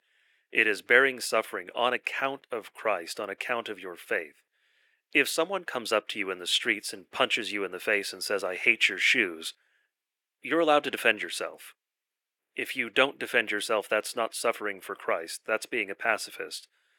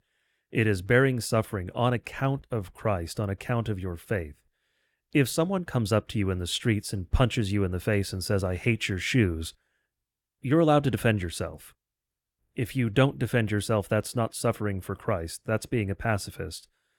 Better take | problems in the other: second | thin; very; fading below 350 Hz

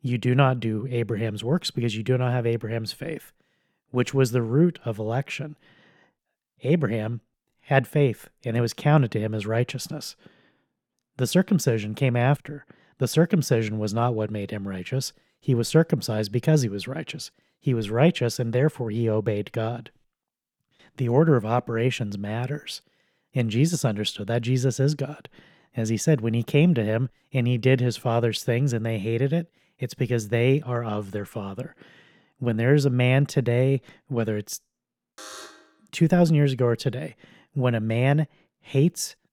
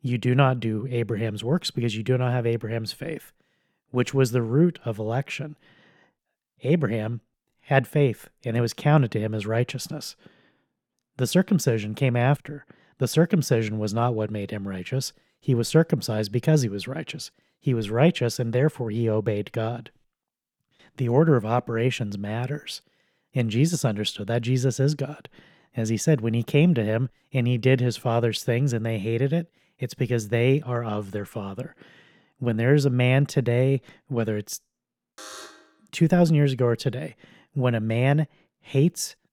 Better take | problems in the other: neither | alarm; faint; at 35 s; peak 15 dB below the speech; the same in both

